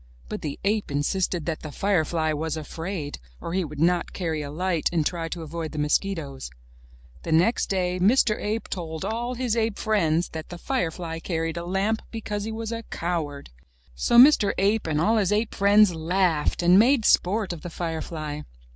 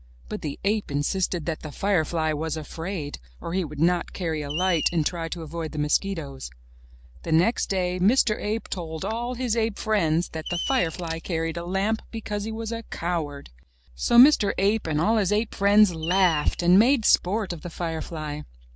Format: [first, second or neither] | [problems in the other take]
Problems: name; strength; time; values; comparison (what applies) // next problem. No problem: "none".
first | background sound (Scissors + Screech); 14 dB below the speech